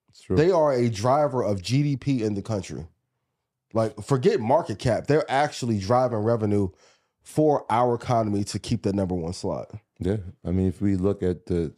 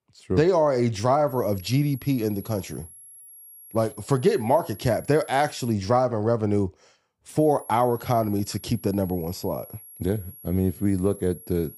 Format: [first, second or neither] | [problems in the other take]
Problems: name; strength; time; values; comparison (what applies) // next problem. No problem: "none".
first | high-pitched whine; noticeable; from 1.5 to 5.5 s and from 7.5 s on; 11.5 kHz, 20 dB below the speech